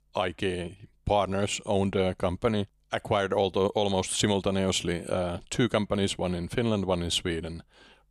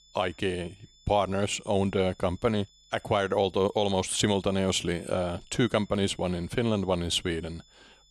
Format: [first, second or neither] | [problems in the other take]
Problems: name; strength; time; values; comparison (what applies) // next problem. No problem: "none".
first | high-pitched whine; faint; throughout; 3.5 kHz, 30 dB below the speech